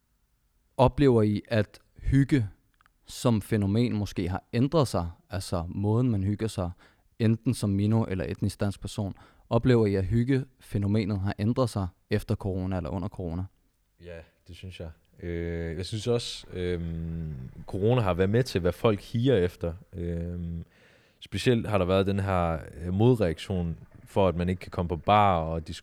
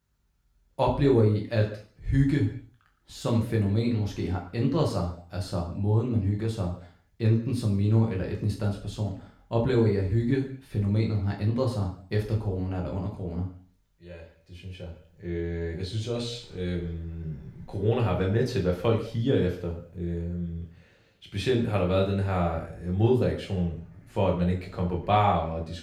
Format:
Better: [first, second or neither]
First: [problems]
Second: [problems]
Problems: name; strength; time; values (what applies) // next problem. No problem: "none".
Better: first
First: none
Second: room echo; slight; dies away in 0.5 s // off-mic speech; far